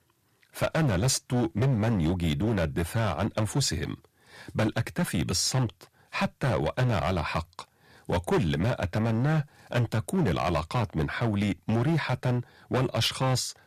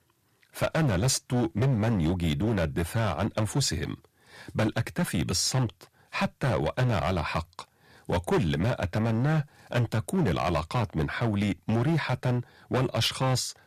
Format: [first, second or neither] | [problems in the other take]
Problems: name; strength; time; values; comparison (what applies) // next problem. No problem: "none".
neither | distortion; heavy; 11% of the sound clipped; the same in both